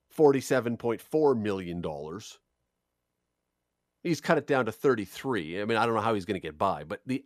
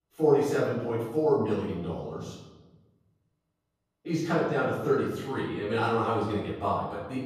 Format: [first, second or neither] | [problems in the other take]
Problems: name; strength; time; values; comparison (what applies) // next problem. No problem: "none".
first | room echo; noticeable; dies away in 1.1 s // off-mic speech; far